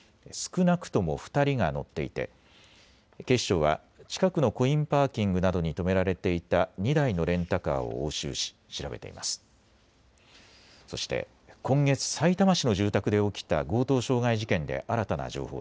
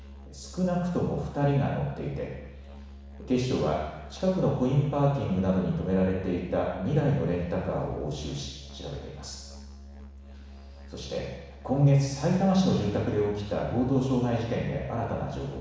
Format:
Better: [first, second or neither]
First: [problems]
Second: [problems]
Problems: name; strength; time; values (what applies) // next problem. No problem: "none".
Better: first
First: none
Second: background sound (Musical instrument); 17 dB below the speech // room echo; dies away in 1.1 s